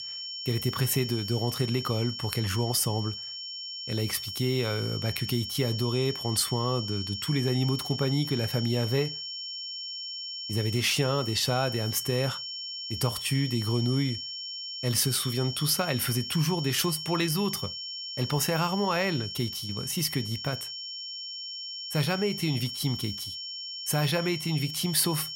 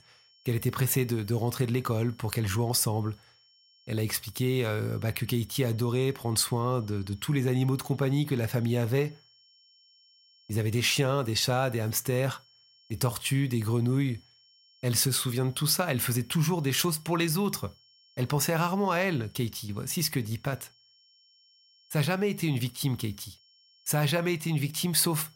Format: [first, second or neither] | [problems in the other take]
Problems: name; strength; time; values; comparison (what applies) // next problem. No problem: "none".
second | high-pitched whine; loud; throughout; 5.5 kHz, 6 dB below the speech; faint in the second